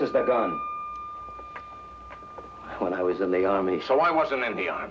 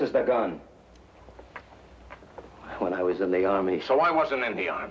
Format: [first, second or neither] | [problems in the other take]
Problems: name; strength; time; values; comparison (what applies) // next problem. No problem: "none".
second | background sound (Wind instrument, woodwind instrument); 12 dB below the speech